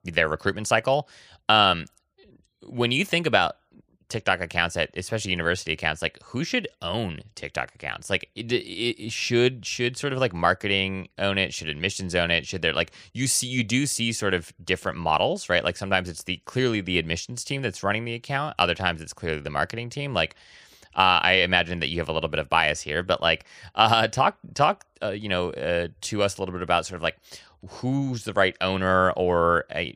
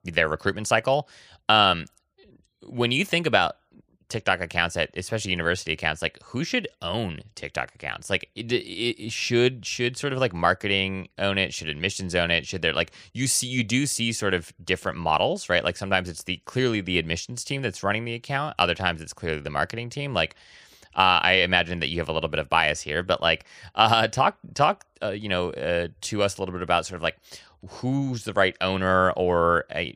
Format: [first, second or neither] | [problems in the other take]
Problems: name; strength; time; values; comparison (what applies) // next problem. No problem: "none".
neither | none